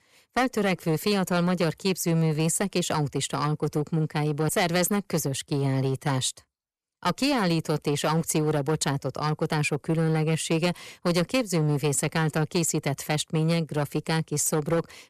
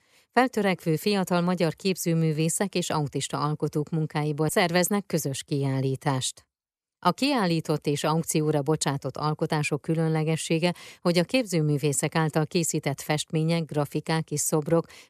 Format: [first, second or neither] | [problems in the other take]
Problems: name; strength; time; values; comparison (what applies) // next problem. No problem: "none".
second | distortion; slight; 8% of the sound clipped